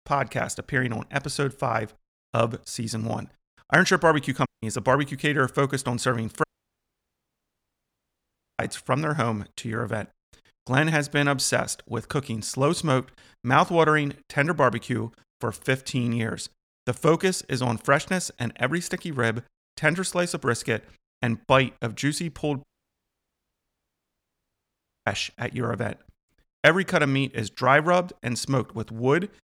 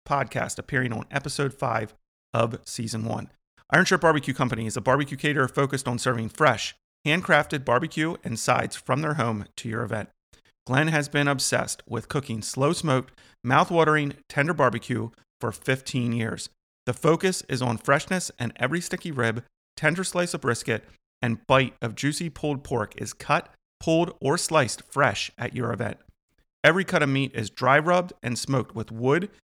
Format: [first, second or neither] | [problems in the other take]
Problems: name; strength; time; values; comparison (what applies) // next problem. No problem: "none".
second | audio cutting out; at 4.5 s, at 6.5 s for 2 s and at 23 s for 2.5 s